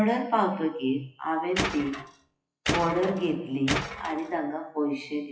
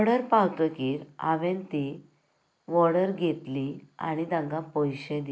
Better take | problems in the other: second | noise reduction (classical method WPE with log-MMSE)

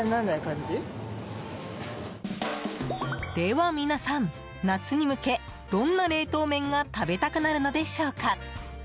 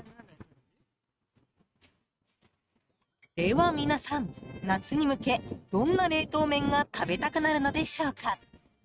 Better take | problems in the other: first | noise reduction (neural mask model RNNoise)

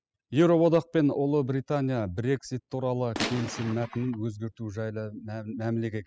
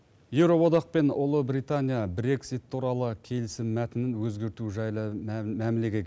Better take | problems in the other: second | noise reduction (classical method spectral subtraction)

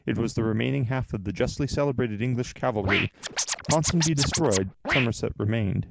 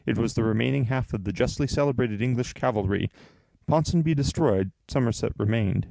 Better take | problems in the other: second | noise reduction (neural mask model Resemble Enhance denoiser)

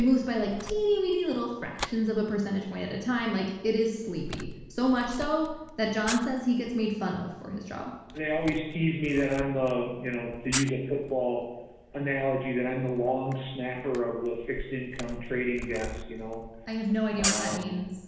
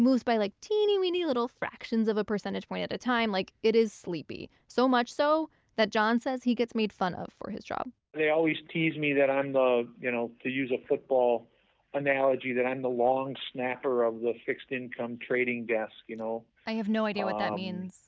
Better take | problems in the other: second | background sound (Camera); 11 dB below the speech // room echo; dies away in 1.1 s

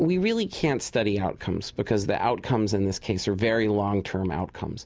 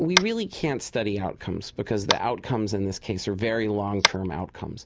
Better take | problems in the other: first | background sound (Tap); 4 dB below the speech

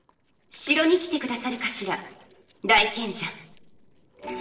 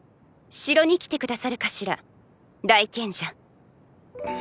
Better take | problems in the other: second | noise reduction (neural separator model SepFormer DNS4)

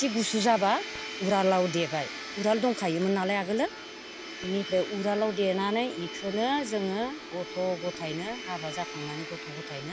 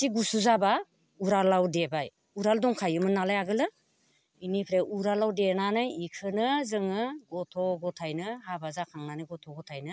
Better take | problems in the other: second | background sound (Domestic sounds, home sounds); 10 dB below the speech

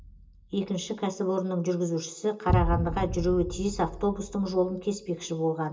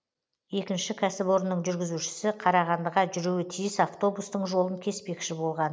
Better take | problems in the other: second | background sound (Boom); 6 dB below the speech // room echo; dies away in 0.2 s

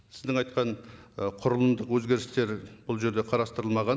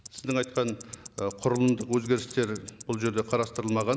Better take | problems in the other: first | background sound (Tick-tock); 18 dB below the speech

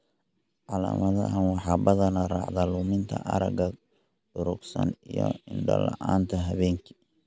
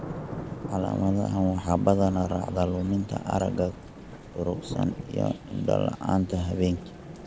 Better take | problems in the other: first | background sound (Thunder / Rain); 12 dB below the speech

